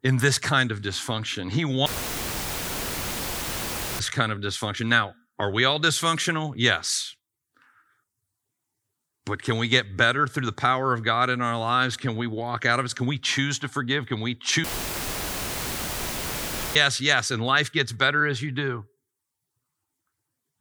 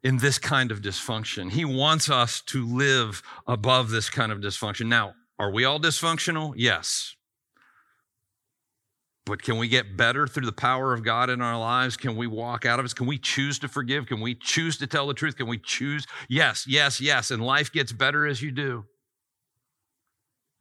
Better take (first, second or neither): second